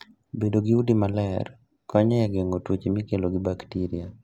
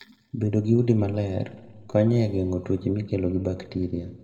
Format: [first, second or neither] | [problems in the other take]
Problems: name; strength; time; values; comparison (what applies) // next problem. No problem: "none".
first | room echo; dies away in 1.1 s